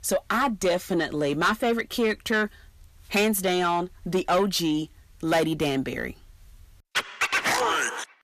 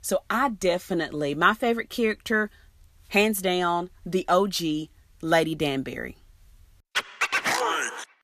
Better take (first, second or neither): second